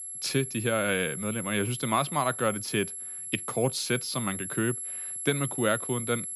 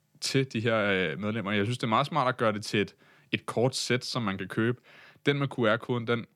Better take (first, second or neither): second